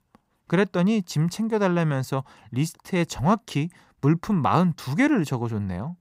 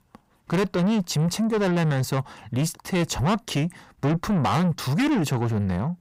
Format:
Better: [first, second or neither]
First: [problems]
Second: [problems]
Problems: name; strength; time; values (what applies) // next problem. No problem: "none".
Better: first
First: none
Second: distortion; heavy; 7 dB below the speech